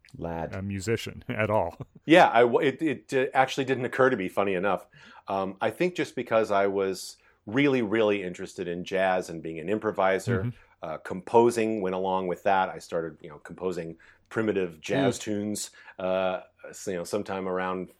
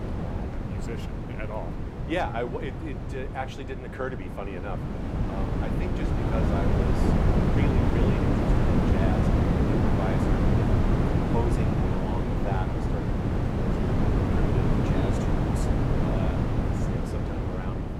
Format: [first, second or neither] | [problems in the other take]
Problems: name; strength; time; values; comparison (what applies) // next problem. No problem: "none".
first | wind noise on the microphone; heavy; 5 dB above the speech